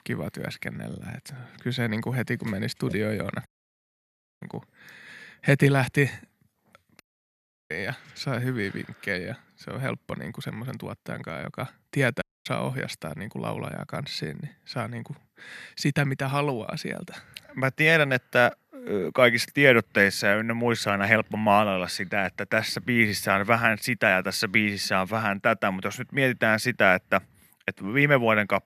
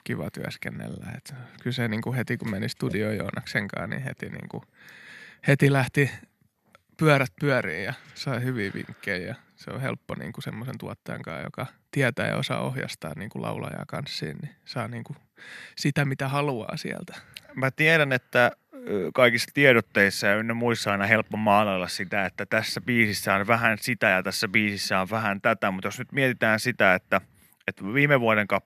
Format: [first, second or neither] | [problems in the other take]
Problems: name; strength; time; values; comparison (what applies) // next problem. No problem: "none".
second | audio cutting out; at 3.5 s for 1 s, at 7 s for 0.5 s and at 12 s